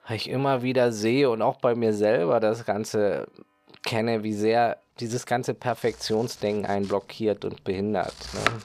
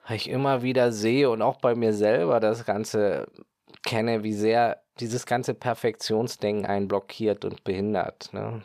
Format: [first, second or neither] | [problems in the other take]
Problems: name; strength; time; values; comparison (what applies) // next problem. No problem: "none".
second | household noises; noticeable; throughout; 10 dB below the speech